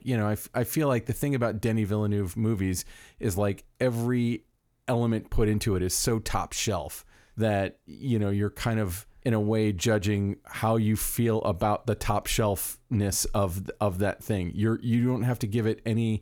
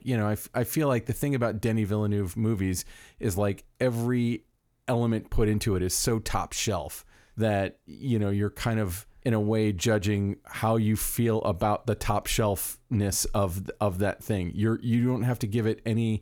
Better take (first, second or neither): neither